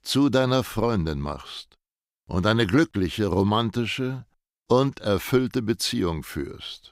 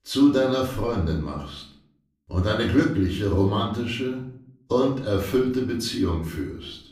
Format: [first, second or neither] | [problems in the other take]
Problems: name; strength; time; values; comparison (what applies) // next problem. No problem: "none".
first | off-mic speech; far // room echo; slight; dies away in 0.5 s